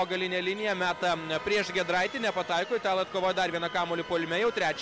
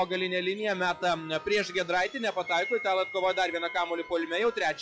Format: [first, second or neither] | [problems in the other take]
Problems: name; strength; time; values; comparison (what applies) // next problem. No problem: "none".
first | noise reduction (classical method log-MMSE)